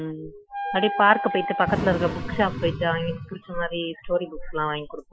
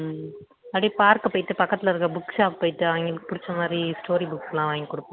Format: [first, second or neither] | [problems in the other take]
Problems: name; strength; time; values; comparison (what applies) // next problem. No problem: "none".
second | noise reduction (classical method Wiener filter)